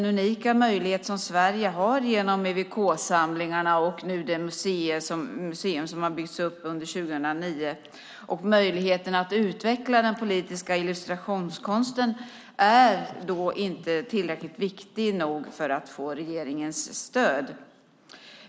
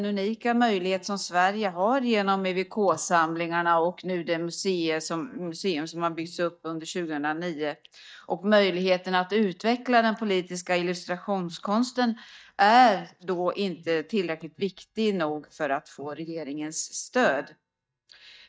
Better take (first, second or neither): first